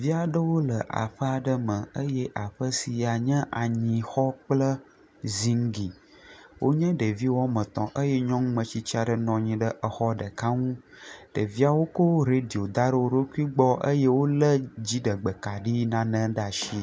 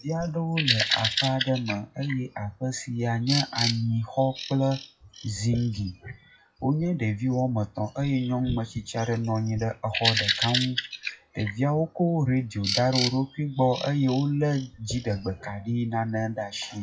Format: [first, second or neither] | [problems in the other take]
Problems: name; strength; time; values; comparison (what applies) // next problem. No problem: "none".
first | noise reduction (classical method WPE with log-MMSE)